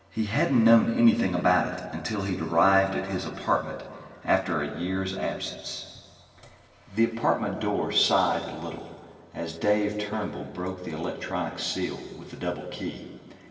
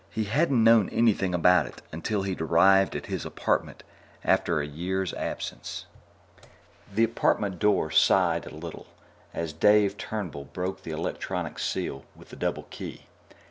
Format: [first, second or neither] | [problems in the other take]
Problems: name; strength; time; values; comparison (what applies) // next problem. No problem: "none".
second | room echo; dies away in 2.1 s